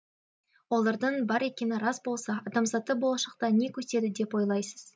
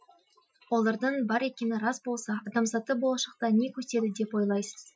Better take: first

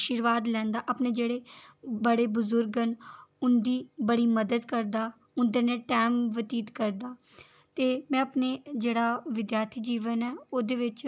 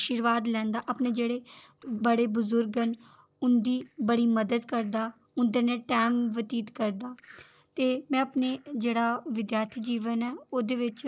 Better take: first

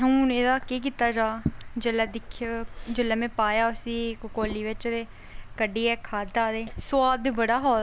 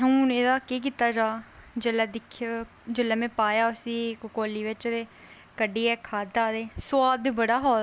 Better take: second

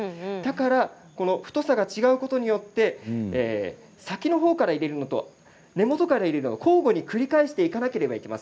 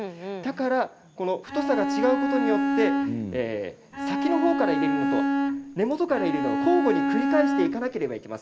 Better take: first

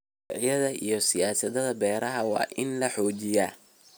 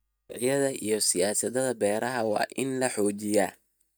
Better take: first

